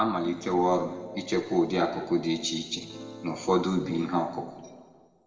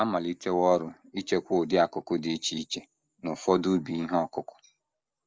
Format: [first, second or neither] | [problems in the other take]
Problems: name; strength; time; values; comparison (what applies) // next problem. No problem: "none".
second | background sound (Acoustic guitar / Strum); 19 dB below the speech // room echo; dies away in 1.5 s